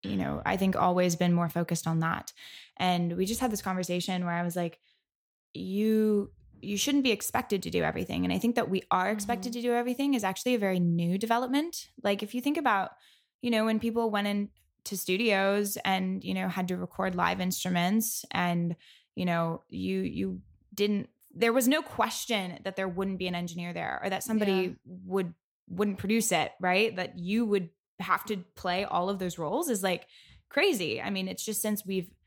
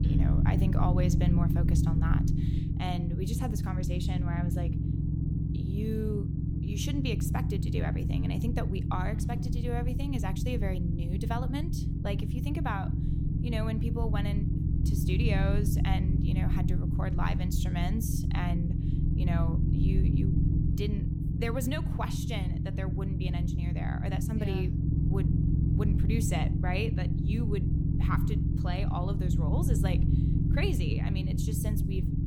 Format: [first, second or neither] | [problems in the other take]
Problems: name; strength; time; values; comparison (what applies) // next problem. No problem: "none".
first | low rumble; loud; throughout; 2 dB below the speech